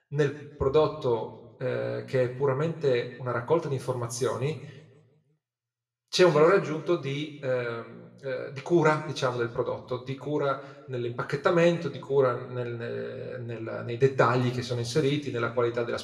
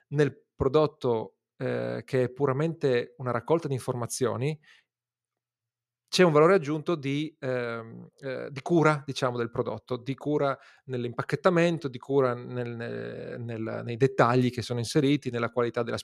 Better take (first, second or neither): second